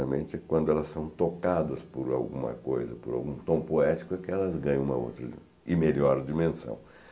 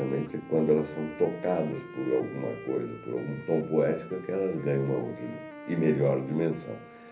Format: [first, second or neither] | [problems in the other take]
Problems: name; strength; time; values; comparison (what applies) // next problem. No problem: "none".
first | background sound (Wind instrument, woodwind instrument); 16 dB below the speech // room echo; dies away in 0.3 s